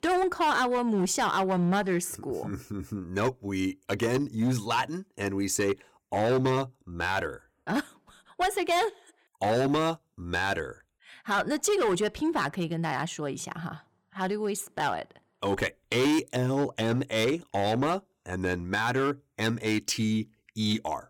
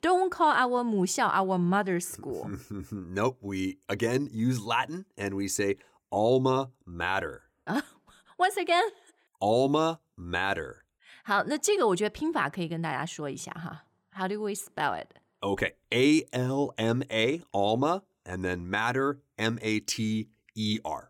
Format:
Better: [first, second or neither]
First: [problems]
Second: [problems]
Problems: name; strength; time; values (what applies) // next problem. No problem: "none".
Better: second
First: distortion; slight; 8% of the sound clipped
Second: none